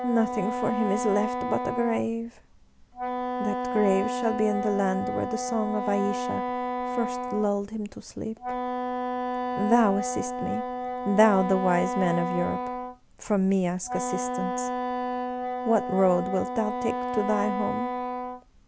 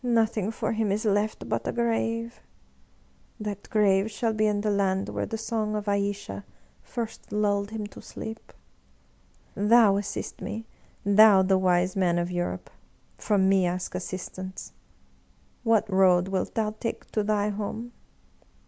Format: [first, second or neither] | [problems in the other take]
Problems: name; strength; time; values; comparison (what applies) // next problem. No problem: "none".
second | background sound (Wind instrument, woodwind instrument); 3 dB below the speech